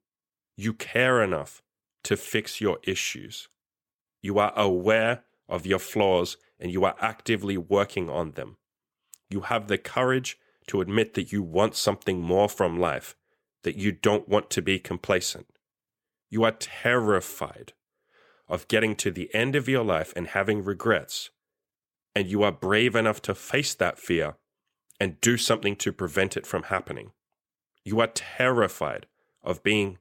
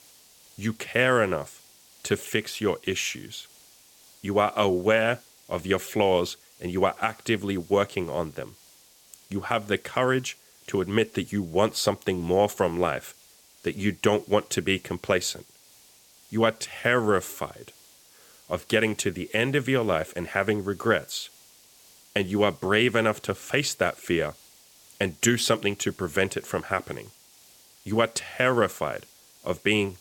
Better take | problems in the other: first | hiss; faint; throughout; 25 dB below the speech

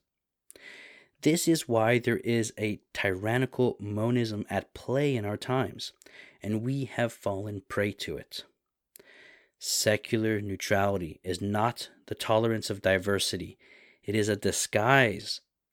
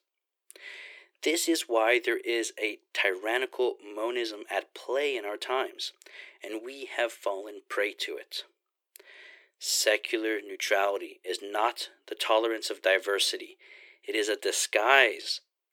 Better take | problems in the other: first | thin; very; fading below 350 Hz

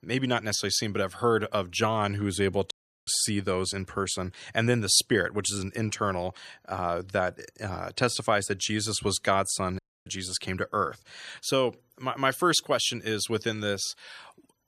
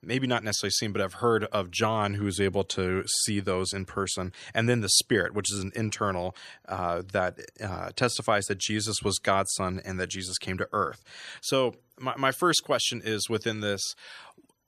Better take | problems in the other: second | audio cutting out; at 2.5 s and at 10 s

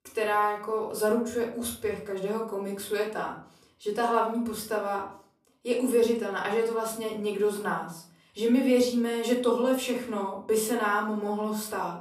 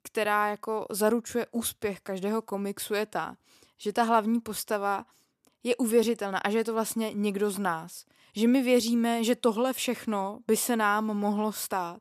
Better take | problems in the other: second | off-mic speech; far // room echo; slight; dies away in 0.4 s

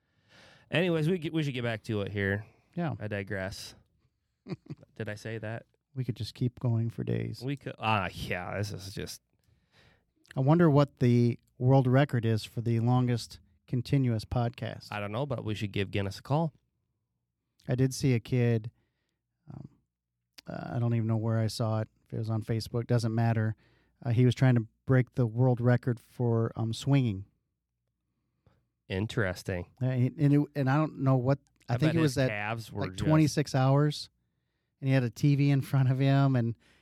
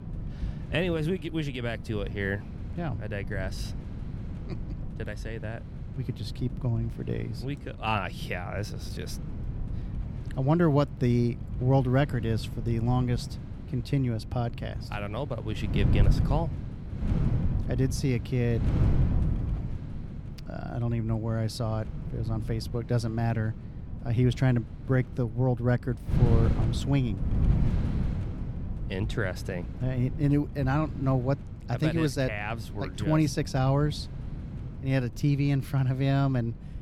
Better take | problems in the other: first | wind noise on the microphone; occasional gusts; 10 dB below the speech

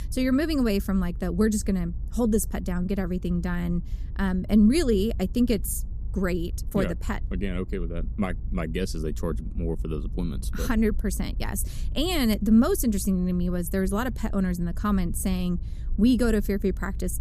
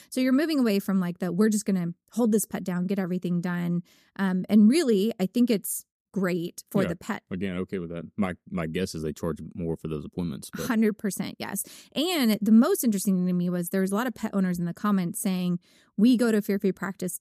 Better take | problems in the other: second | low rumble; faint; throughout; 25 dB below the speech

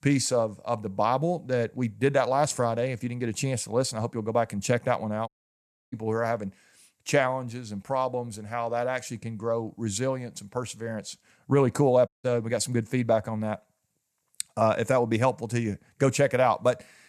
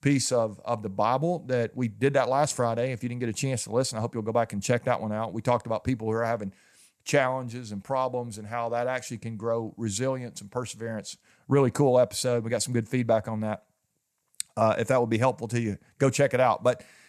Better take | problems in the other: second | audio cutting out; at 5.5 s for 0.5 s and at 12 s

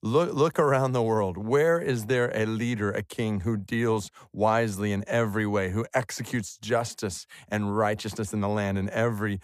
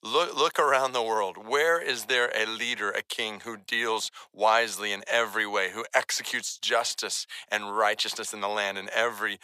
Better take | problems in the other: first | thin; very; fading below 700 Hz

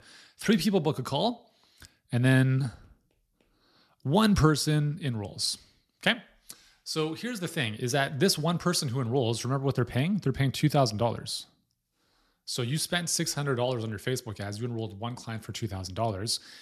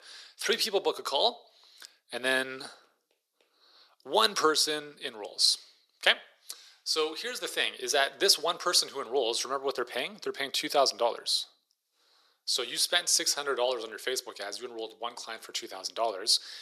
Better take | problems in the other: first | thin; very; fading below 450 Hz

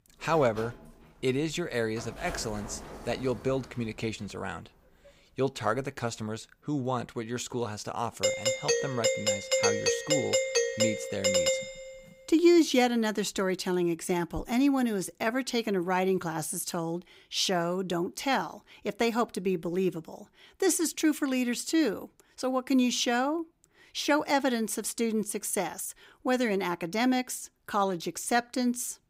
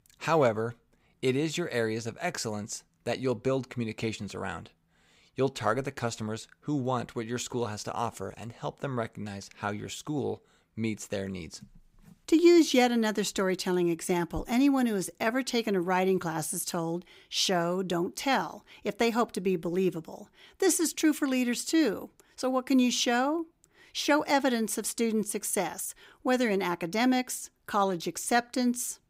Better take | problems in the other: second | door banging; faint; until 5 s; peak 10 dB below the speech // doorbell; loud; from 8 to 12 s; peak 4 dB above the speech

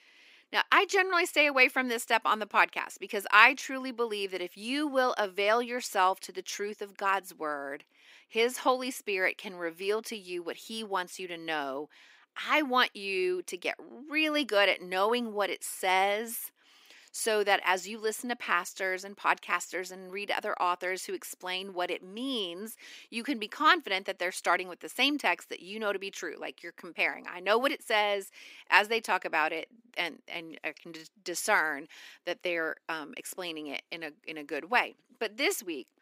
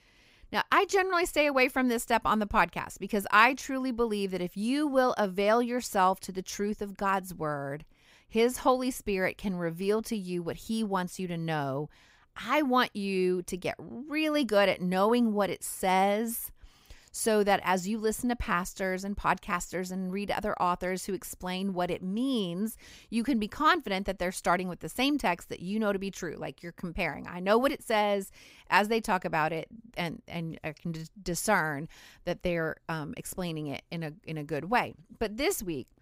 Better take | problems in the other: second | thin; somewhat; fading below 300 Hz

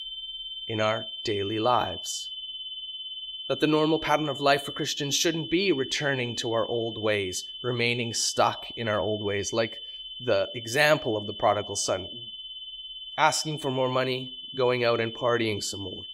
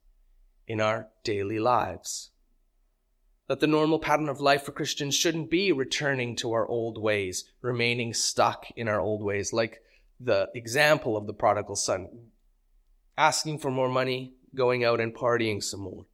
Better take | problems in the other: second | high-pitched whine; loud; throughout; 3 kHz, 9 dB below the speech

